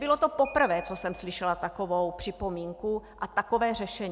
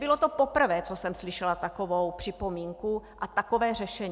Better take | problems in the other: second | background sound (Ringtone / Bell); 19 dB below the speech

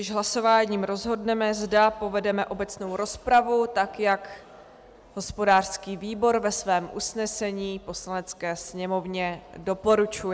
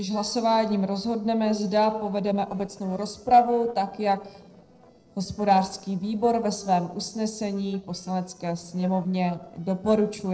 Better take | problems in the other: first | noise reduction (neural separator model SepFormer DNS4)

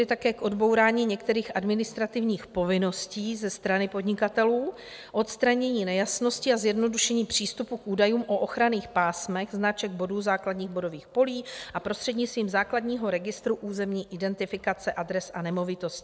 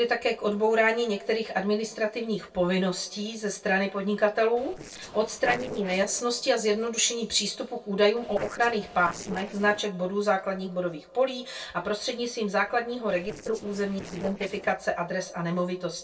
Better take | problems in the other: first | noise reduction (neural separator model SepFormer DNS4)

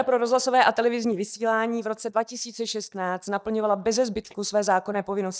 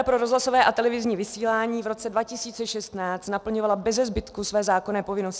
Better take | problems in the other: second | noise reduction (neural mask model DeepFilterNet 3)

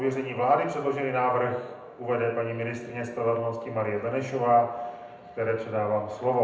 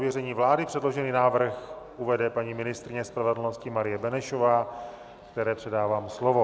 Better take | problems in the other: second | background sound (Dishes, pots, and pans); 18 dB below the speech // room echo; dies away in 0.7 s

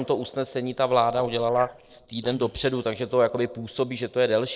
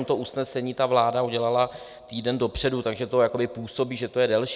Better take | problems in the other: second | noise reduction (neural separator model SepFormer DNS4)

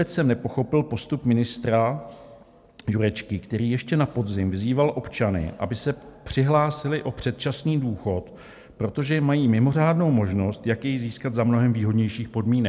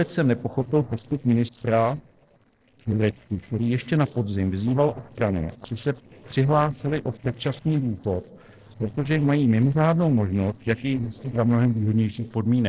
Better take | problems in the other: first | noise reduction (neural separator model SepFormer DNS4)

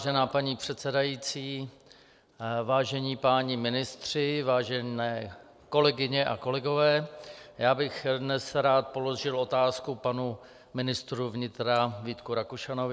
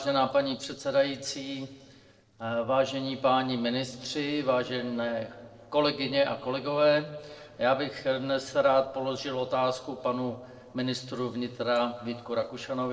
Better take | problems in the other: first | noise reduction (neural separator model SepFormer DNS4)

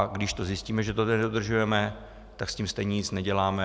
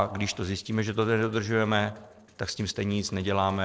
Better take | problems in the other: first | noise reduction (neural separator model SepFormer DNS4)

